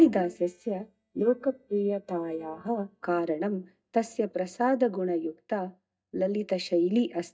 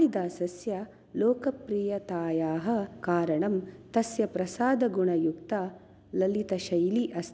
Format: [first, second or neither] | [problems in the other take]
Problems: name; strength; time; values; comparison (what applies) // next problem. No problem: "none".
second | noise reduction (neural mask model DeepFilterNet 3)